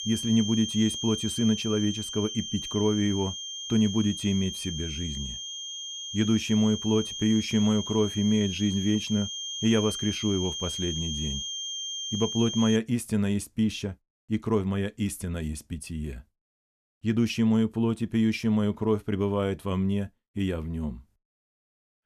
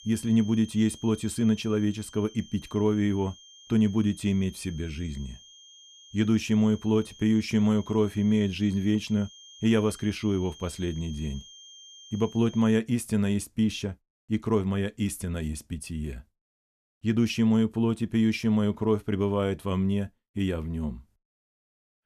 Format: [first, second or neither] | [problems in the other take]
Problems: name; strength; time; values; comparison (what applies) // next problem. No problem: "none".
second | high-pitched whine; loud; until 13 s; 3 kHz, 5 dB below the speech; faint in the second